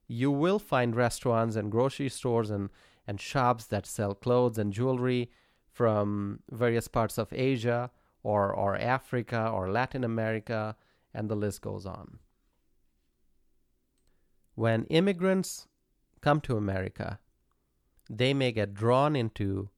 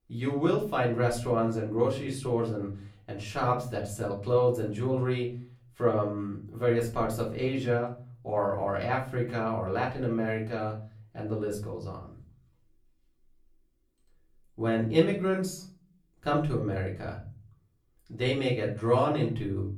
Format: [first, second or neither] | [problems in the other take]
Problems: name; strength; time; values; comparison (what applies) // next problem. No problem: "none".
first | off-mic speech; far // room echo; slight; dies away in 0.4 s